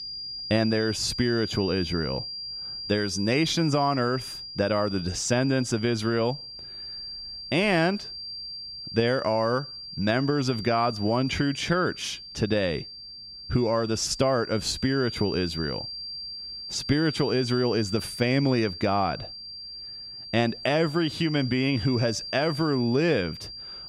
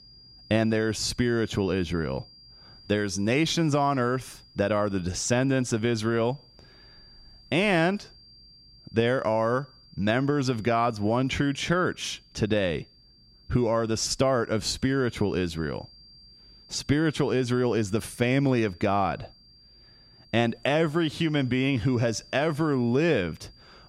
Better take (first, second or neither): second